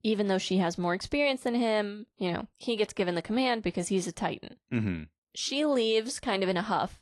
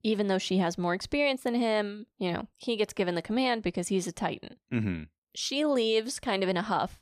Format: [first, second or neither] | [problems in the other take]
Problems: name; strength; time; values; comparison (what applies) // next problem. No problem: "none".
second | garbled, watery; slightly